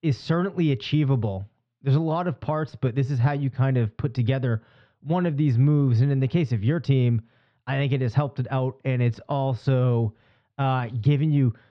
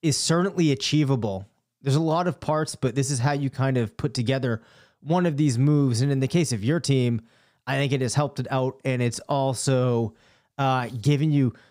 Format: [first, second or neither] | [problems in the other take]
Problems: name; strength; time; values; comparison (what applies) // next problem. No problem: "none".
second | muffled; slightly; fading above 3.5 kHz